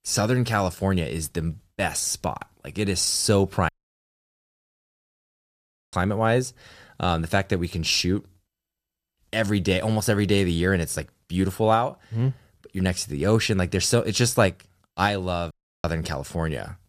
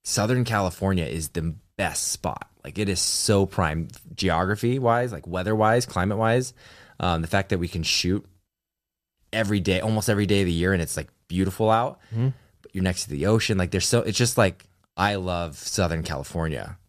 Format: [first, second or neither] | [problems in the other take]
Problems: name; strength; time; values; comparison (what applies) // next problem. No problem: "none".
second | audio cutting out; at 3.5 s for 2 s and at 16 s